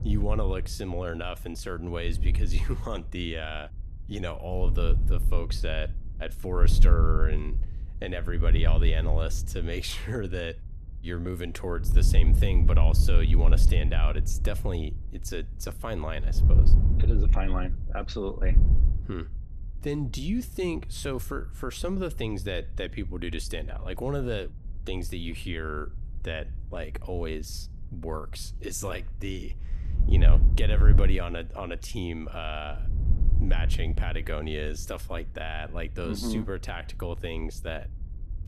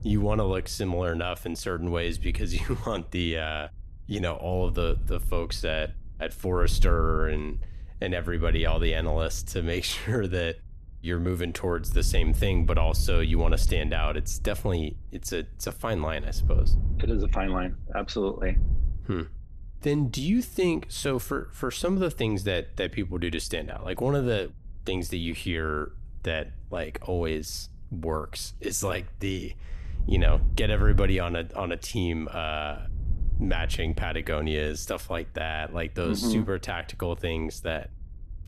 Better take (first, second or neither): second